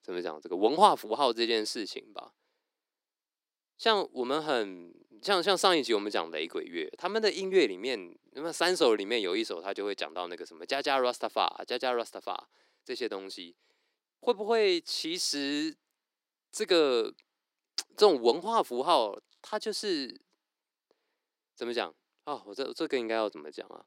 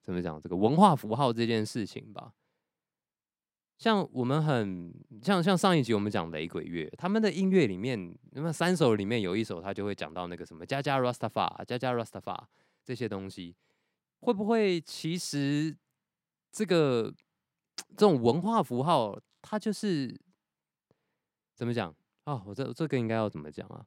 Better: second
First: thin; somewhat; fading below 350 Hz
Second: none

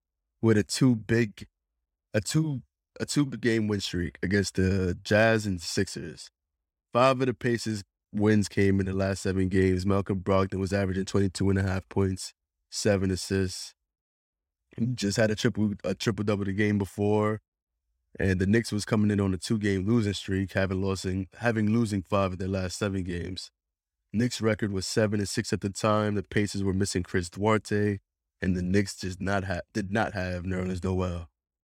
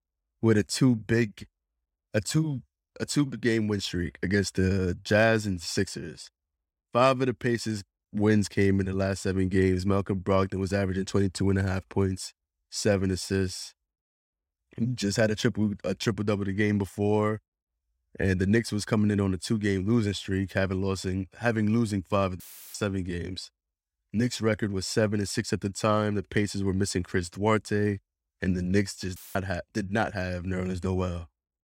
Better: first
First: none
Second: audio cutting out; filled with static; at 22 s and at 29 s

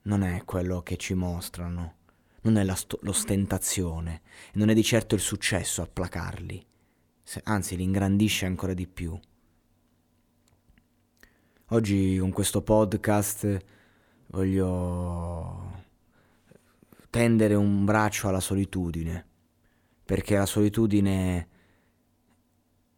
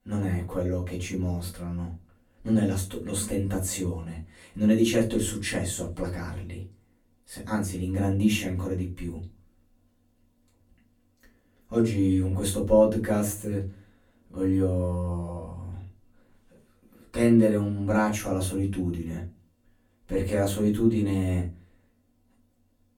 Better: first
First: none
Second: off-mic speech; far // room echo; very slight; dies away in 0.3 s

